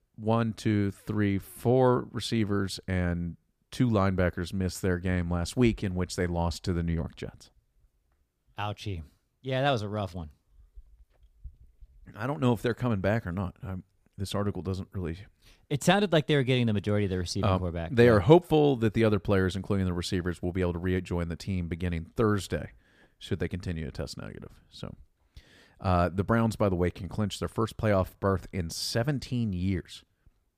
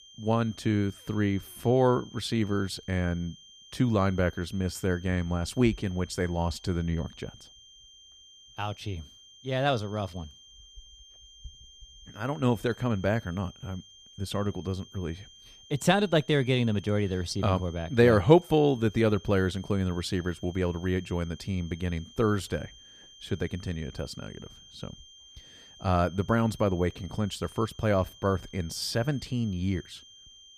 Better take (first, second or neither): first